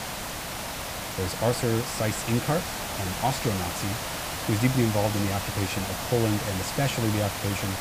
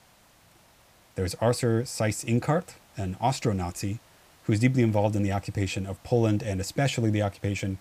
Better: second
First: hiss; loud; throughout; 3 dB below the speech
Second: hiss; faint; throughout; 30 dB below the speech

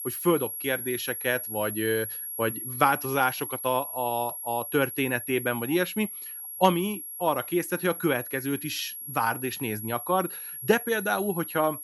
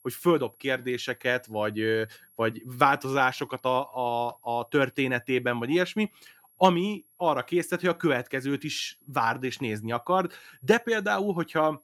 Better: second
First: high-pitched whine; loud; throughout; 11.5 kHz, 6 dB below the speech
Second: high-pitched whine; faint; throughout; 11.5 kHz, 30 dB below the speech

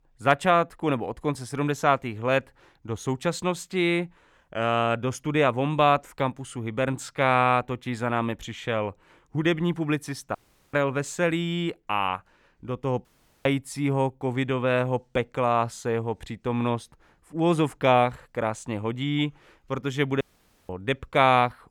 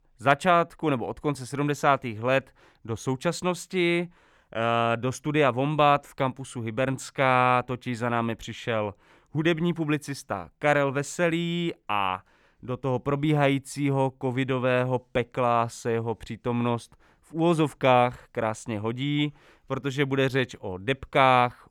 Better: second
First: audio cutting out; at 10 s, at 13 s and at 20 s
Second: none

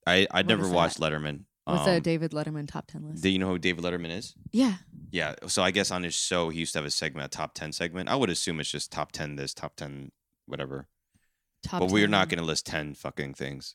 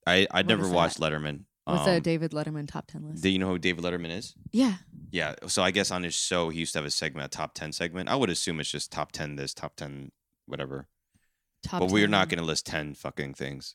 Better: neither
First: none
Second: none

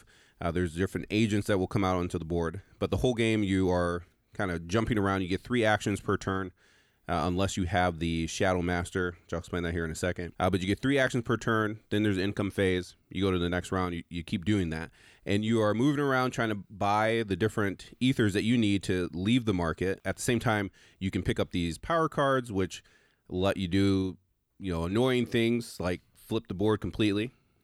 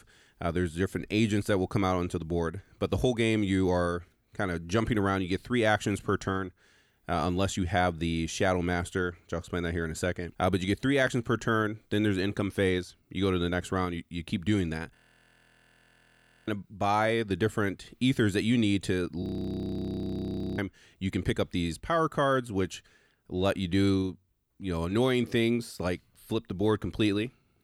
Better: first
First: none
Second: audio freezing; at 15 s for 1.5 s and at 19 s for 1.5 s

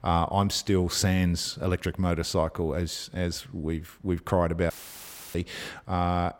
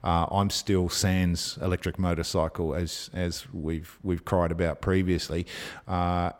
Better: second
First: audio cutting out; filled with static; at 4.5 s for 0.5 s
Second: none

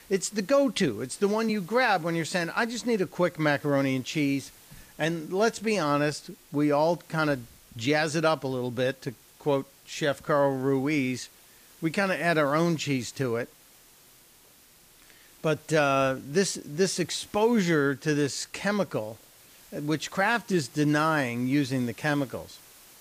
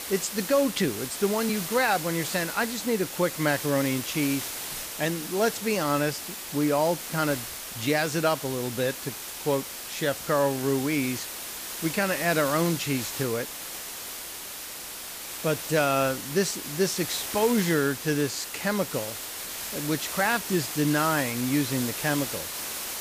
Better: first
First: hiss; faint; throughout; 25 dB below the speech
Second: hiss; loud; throughout; 6 dB below the speech

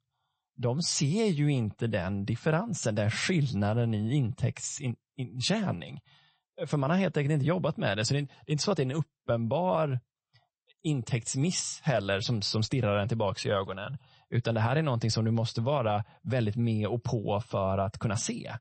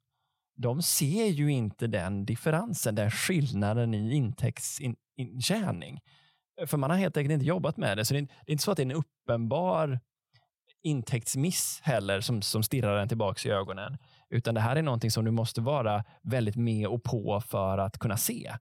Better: second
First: garbled, watery; slightly; nothing above 8 kHz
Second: none

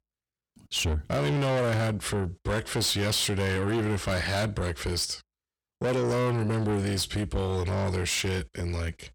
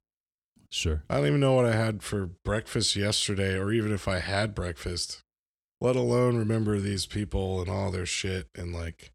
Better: second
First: distortion; heavy; 7 dB below the speech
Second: none

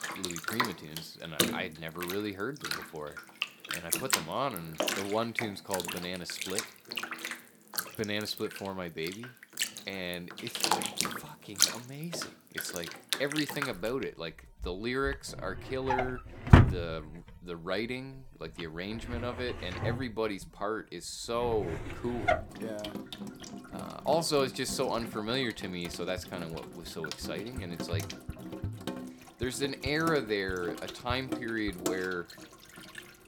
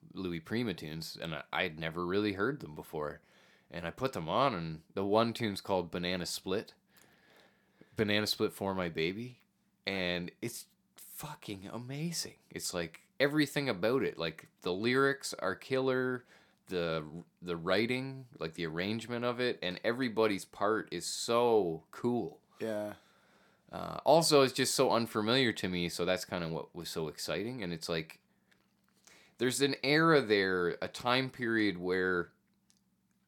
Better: second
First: household noises; very loud; throughout; 1 dB above the speech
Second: none

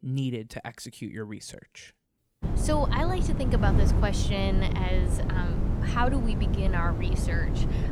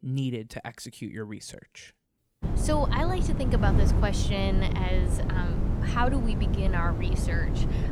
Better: neither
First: wind noise on the microphone; heavy; from 2.5 s on; 5 dB below the speech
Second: wind noise on the microphone; heavy; from 2.5 s on; 5 dB below the speech

